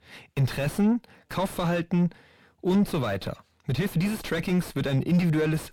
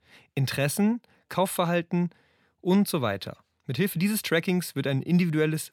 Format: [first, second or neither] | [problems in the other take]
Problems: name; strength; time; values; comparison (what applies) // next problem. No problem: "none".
second | distortion; heavy; 5 dB below the speech